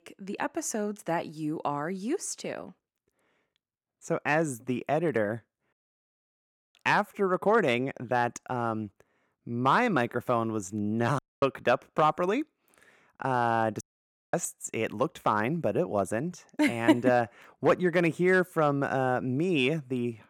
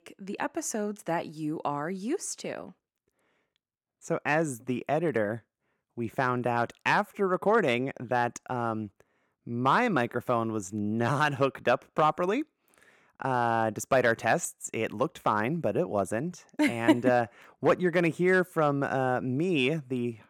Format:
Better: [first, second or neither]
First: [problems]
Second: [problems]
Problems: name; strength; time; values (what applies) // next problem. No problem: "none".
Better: second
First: audio cutting out; at 5.5 s for 1 s, at 11 s and at 14 s for 0.5 s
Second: none